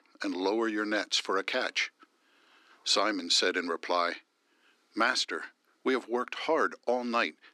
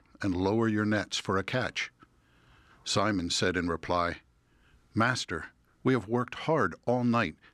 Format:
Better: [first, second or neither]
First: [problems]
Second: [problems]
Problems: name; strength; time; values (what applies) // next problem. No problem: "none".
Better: second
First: thin; somewhat; fading below 300 Hz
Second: none